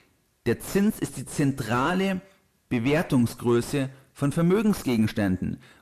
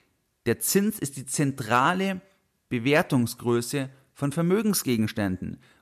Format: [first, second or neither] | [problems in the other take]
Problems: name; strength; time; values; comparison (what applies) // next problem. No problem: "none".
second | distortion; heavy; 6 dB below the speech